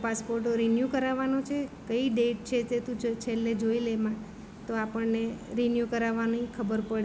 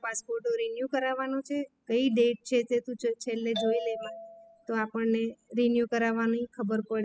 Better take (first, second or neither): first